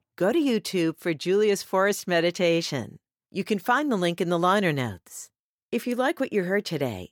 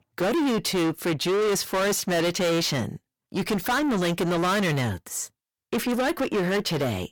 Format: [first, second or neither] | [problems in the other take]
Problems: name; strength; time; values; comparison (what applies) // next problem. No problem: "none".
first | distortion; heavy; 6 dB below the speech